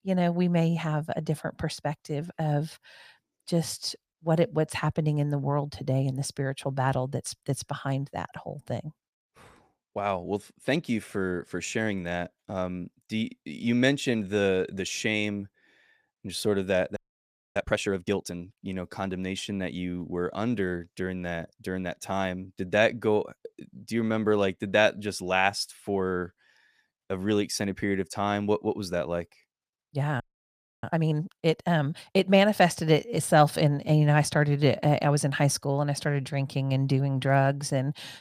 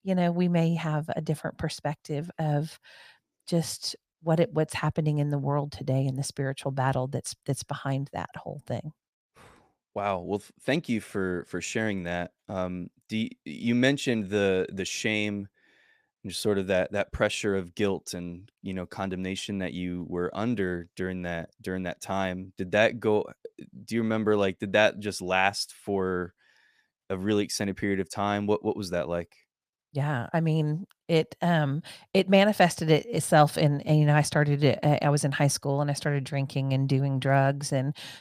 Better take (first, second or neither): second